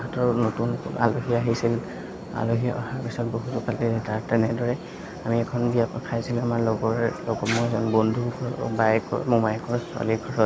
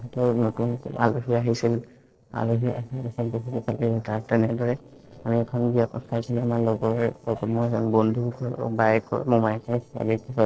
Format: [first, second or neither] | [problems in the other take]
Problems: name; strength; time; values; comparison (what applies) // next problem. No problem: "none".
first | noise reduction (neural separator model SepFormer DNS4)